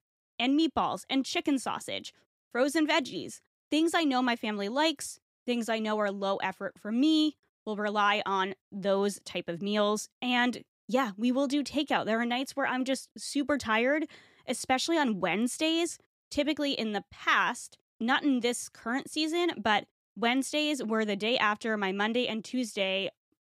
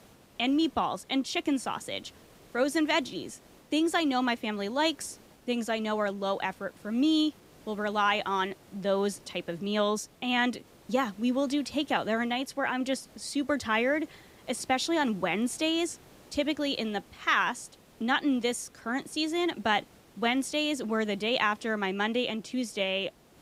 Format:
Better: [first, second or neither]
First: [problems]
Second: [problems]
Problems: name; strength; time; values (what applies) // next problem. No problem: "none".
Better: first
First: none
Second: hiss; faint; throughout; 25 dB below the speech